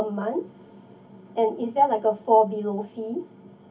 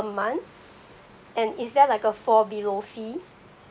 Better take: second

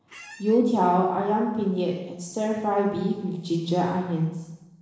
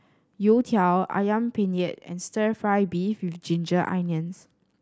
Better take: second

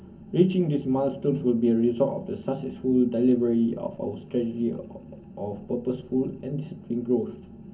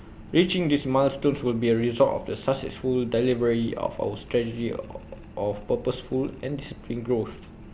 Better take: second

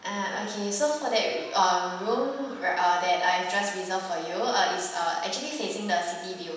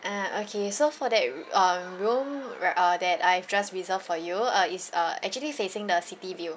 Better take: second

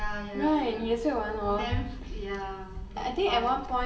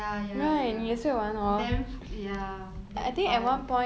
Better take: second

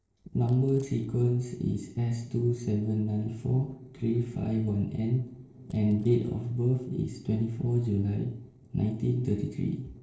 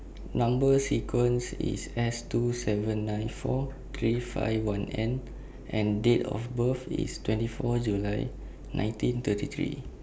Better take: second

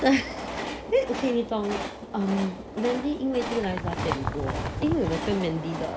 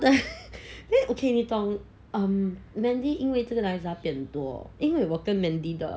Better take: second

